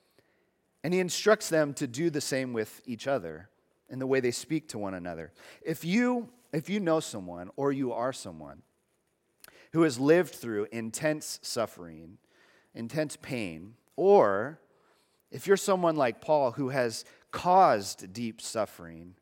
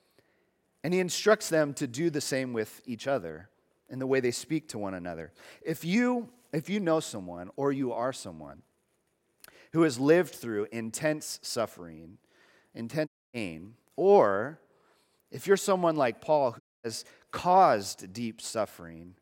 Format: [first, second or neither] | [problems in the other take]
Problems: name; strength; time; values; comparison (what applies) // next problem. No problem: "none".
first | audio cutting out; at 13 s and at 17 s